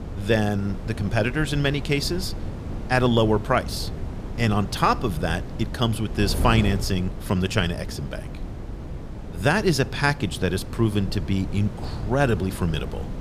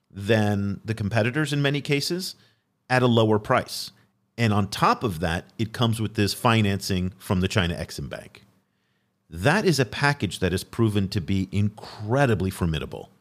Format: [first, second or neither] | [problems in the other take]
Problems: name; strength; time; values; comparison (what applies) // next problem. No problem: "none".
second | wind noise on the microphone; occasional gusts; 15 dB below the speech